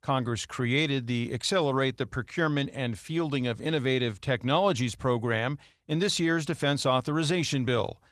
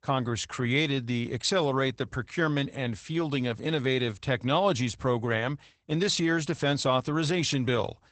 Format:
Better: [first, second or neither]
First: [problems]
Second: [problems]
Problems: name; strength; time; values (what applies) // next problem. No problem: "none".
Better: first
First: garbled, watery; slightly; nothing above 14.5 kHz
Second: garbled, watery; badly; nothing above 8 kHz